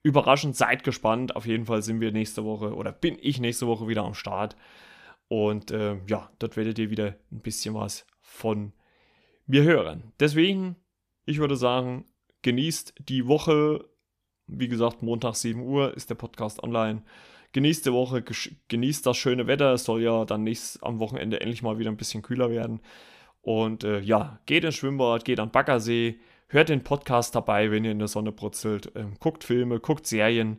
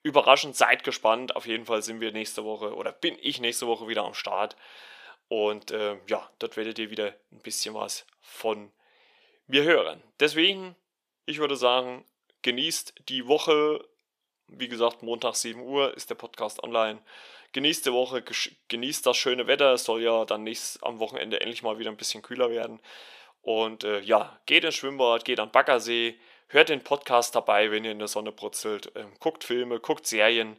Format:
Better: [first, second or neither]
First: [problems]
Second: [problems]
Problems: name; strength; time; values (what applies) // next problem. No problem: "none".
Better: first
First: none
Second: thin; somewhat; fading below 500 Hz